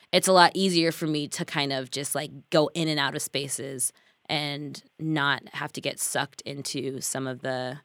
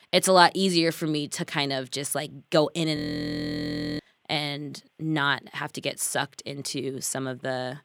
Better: first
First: none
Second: audio freezing; at 3 s for 1 s

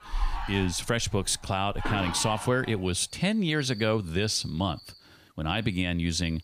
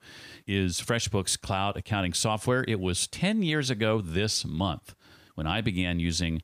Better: second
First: animal sounds; noticeable; throughout; 10 dB below the speech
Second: none

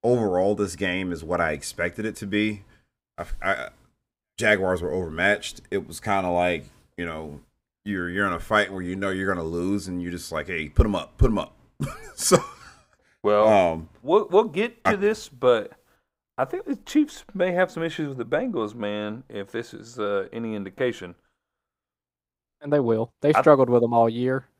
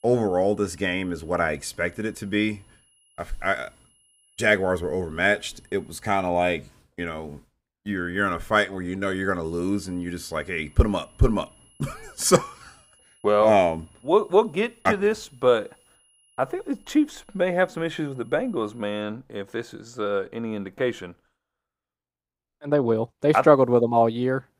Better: first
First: none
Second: high-pitched whine; faint; until 6 s and from 9.5 to 19 s; 10.5 kHz, 35 dB below the speech

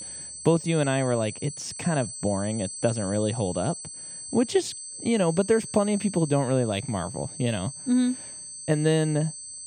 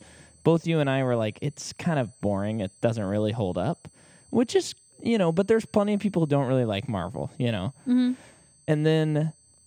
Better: second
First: high-pitched whine; loud; throughout; 8 kHz, 10 dB below the speech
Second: high-pitched whine; faint; throughout; 8 kHz, 30 dB below the speech

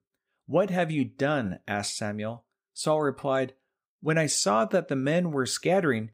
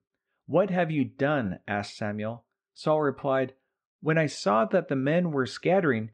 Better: first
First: none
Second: muffled; slightly; fading above 3 kHz

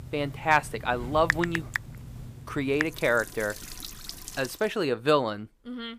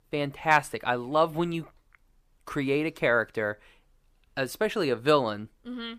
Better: second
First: household noises; loud; until 4.5 s; 8 dB below the speech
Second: none

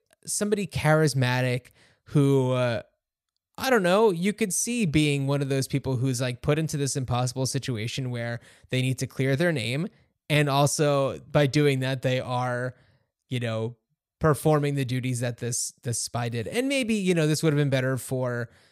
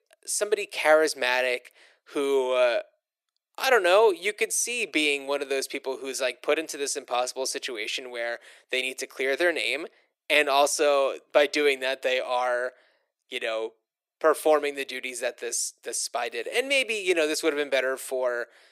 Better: first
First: none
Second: thin; very; fading below 350 Hz

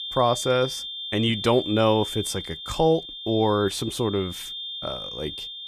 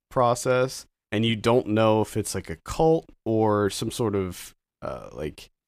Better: second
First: high-pitched whine; loud; throughout; 3.5 kHz, 8 dB below the speech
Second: none

